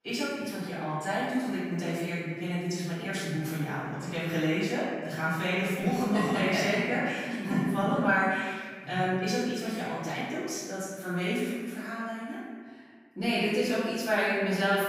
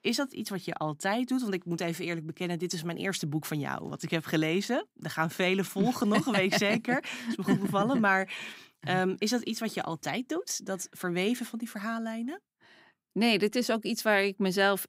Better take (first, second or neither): second